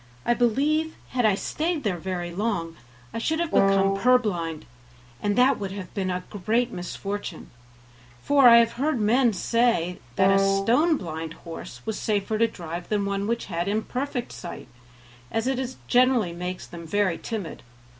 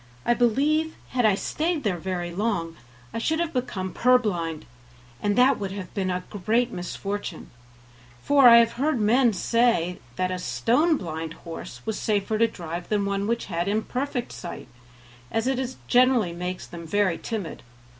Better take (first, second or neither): second